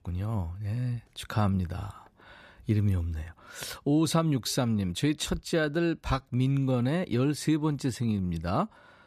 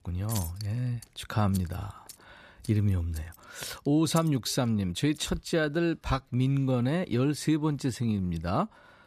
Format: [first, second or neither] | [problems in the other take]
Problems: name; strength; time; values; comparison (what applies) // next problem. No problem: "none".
first | household noises; noticeable; throughout; 15 dB below the speech